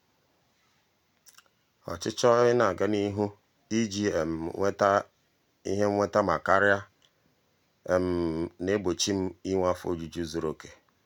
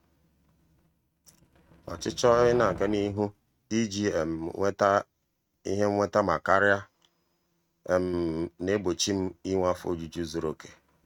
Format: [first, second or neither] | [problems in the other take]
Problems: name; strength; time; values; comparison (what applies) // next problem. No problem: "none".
first | noise reduction (neural mask model RNNoise)